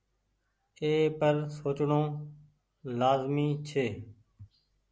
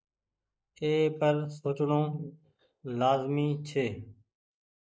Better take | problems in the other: first | noise reduction (neural mask model Resemble Enhance denoiser)

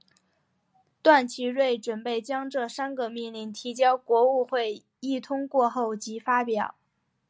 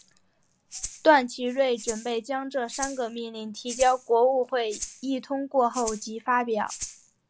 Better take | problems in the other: first | background sound (Rattle (instrument)); 15 dB below the speech

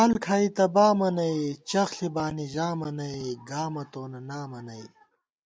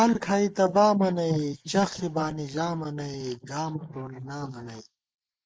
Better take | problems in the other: first | noise reduction (neural mask model Resemble Enhance denoiser)

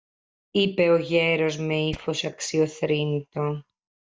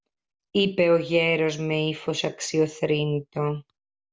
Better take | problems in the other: second | noise reduction (neural mask model DeepFilterNet 3)

